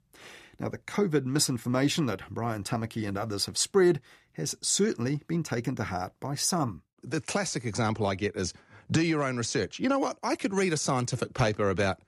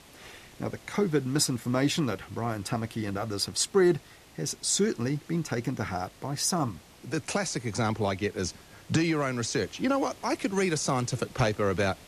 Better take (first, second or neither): first